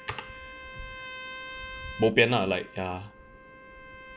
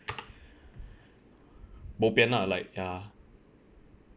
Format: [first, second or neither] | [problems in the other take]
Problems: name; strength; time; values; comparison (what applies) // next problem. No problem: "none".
second | background sound (Trumpet); 13 dB below the speech